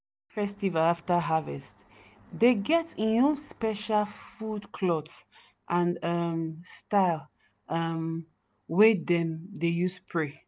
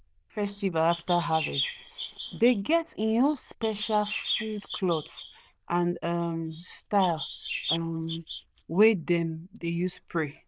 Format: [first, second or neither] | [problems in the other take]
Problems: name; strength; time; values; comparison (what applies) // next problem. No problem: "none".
first | noise reduction (neural diffusion model UNIVERSE++)